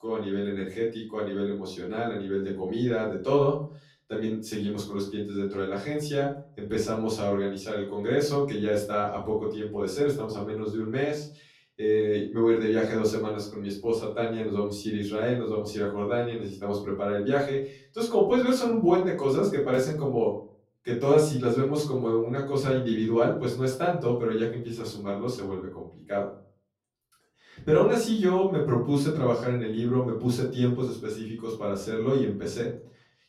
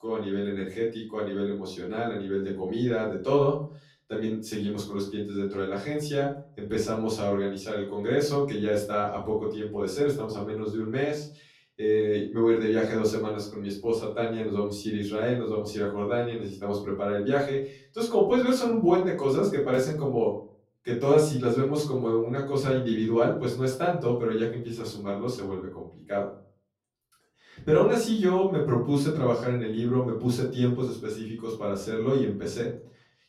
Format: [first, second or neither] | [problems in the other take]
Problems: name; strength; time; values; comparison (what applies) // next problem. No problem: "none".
neither | off-mic speech; far; the same in both // room echo; slight; dies away in 0.4 s; the same in both